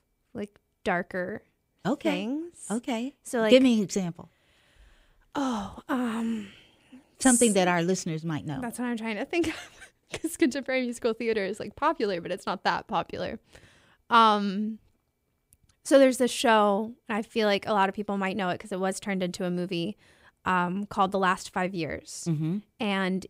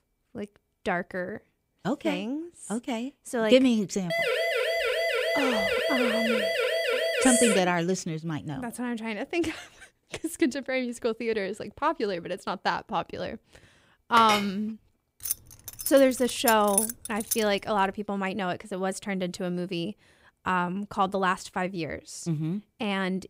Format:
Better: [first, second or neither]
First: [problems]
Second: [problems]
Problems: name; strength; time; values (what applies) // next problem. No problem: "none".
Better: first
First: none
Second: siren; loud; from 4 to 7.5 s; peak 2 dB above the speech // clattering dishes; noticeable; at 14 s; peak 1 dB below the speech // jangling keys; loud; from 15 to 17 s; peak 2 dB above the speech